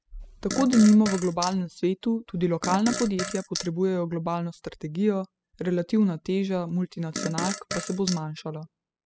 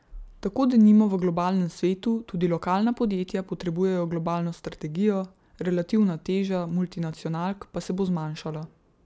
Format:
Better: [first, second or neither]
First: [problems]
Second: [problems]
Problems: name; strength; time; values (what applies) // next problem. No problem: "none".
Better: second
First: noise reduction (classical method spectral subtraction)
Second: none